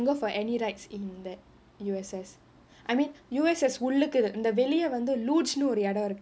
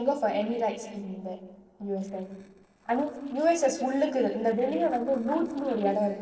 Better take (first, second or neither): first